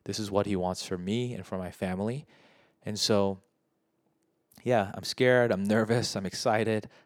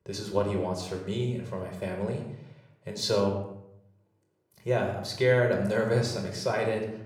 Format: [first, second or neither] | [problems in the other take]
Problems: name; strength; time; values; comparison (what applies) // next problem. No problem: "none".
first | off-mic speech; somewhat distant // room echo; noticeable; dies away in 0.7 s